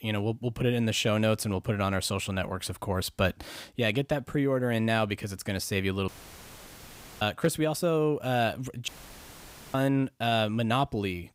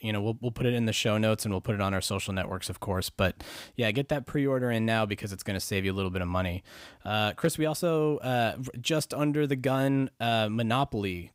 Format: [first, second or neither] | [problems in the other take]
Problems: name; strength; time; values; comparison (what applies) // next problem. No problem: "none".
second | audio cutting out; filled with static; at 6 s for 1 s and at 9 s for 1 s